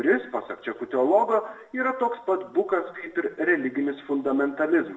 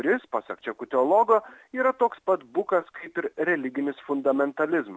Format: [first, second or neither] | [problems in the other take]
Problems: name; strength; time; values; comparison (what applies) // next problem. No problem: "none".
second | room echo; dies away in 0.7 s